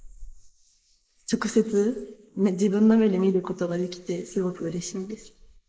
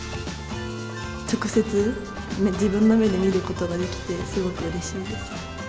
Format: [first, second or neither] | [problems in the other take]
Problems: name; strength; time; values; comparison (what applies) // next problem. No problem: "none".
second | noise reduction (neural mask model Resemble Enhance denoiser)